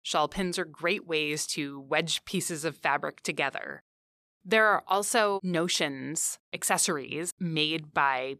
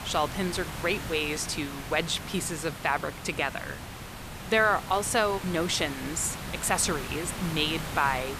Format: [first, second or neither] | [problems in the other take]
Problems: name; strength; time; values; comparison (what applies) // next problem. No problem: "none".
first | hiss; loud; throughout; 9 dB below the speech